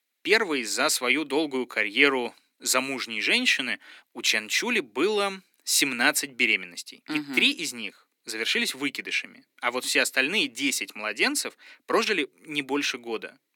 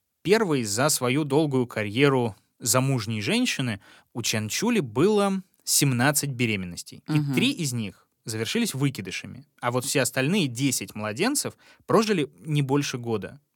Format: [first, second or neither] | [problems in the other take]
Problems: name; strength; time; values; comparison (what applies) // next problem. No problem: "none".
second | thin; somewhat; fading below 300 Hz